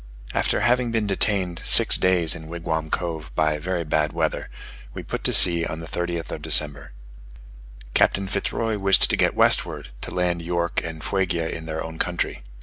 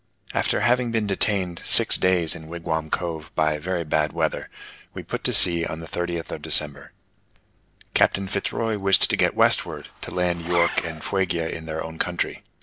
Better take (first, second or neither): first